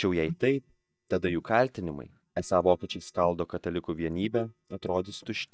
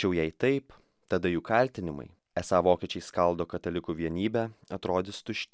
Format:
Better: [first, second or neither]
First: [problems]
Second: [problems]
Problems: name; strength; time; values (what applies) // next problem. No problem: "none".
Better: second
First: noise reduction (neural mask model DeepFilterNet 3)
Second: none